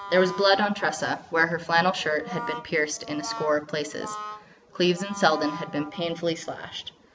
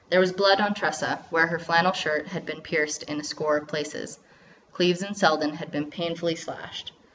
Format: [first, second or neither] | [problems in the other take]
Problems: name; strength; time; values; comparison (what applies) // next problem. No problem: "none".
second | background sound (Brass instrument); 14 dB below the speech